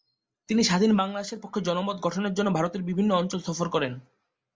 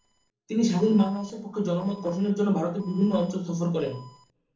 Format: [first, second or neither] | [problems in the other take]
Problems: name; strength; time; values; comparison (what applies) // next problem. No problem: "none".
first | noise reduction (neural separator model SepFormer DNS4)